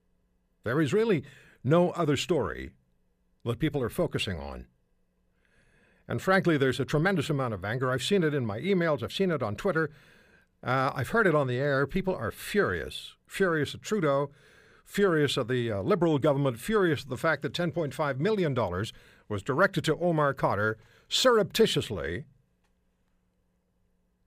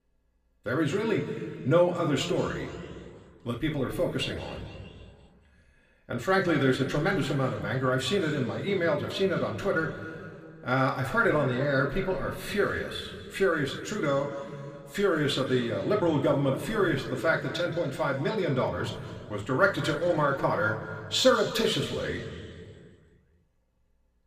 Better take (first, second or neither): first